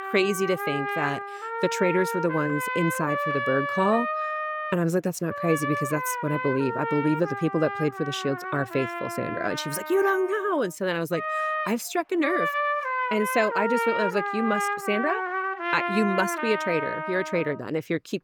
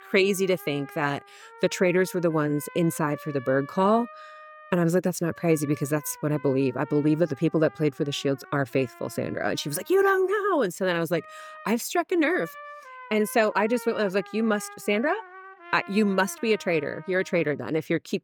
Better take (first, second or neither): second